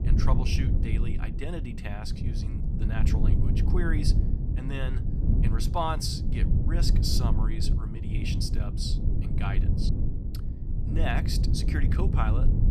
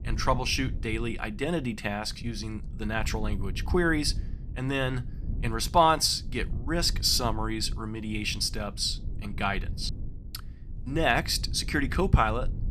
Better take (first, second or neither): second